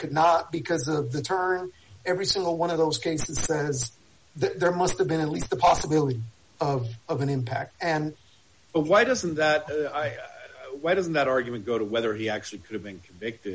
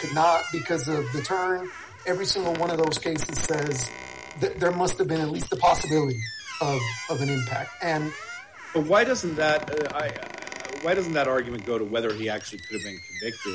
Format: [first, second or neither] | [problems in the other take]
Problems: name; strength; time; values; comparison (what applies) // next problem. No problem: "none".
first | background sound (Squeak); 12 dB below the speech